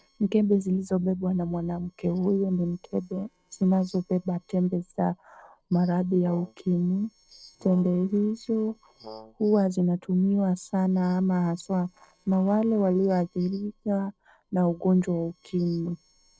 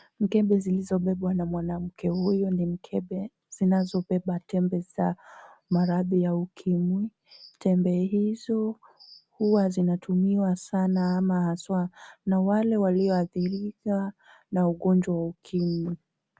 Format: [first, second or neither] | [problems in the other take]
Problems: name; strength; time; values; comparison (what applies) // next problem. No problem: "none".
second | noise reduction (neural separator model SepFormer DNS4)